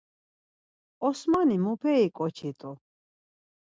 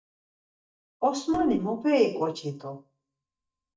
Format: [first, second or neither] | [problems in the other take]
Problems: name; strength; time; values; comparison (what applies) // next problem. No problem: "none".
first | noise reduction (neural mask model DeepFilterNet 3)